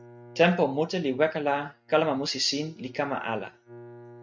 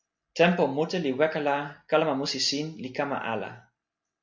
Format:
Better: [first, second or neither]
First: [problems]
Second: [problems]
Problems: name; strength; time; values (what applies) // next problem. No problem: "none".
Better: second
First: noise reduction (neural mask model RNNoise)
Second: none